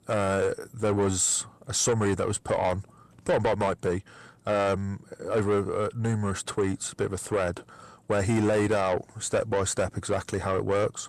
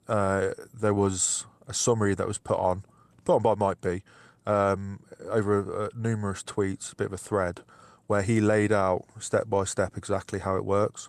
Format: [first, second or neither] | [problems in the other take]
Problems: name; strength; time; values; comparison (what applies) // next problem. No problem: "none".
second | distortion; heavy; 8 dB below the speech